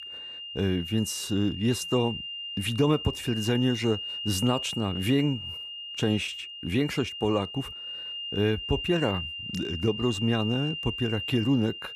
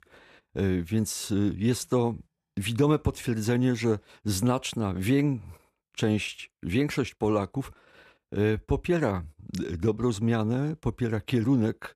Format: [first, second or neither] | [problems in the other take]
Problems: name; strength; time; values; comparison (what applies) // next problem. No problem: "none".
second | high-pitched whine; loud; throughout; 3 kHz, 6 dB below the speech